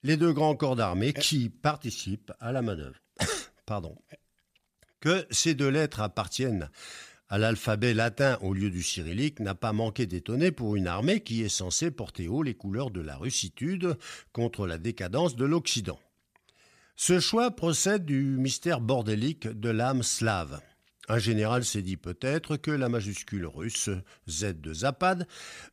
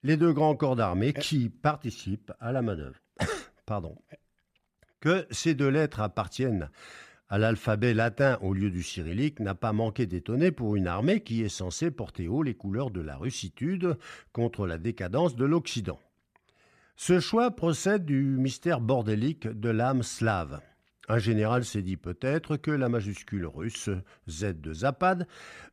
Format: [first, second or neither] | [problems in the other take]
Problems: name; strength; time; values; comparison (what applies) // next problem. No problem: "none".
first | muffled; slightly; fading above 3 kHz